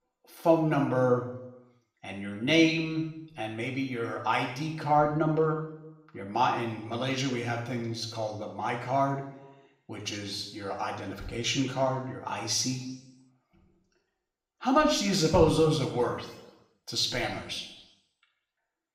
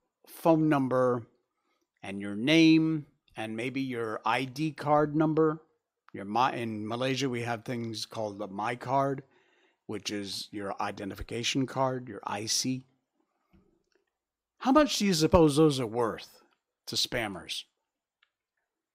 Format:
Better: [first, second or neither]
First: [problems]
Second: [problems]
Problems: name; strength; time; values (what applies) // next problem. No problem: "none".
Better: second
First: room echo; noticeable; dies away in 0.8 s // off-mic speech; somewhat distant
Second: none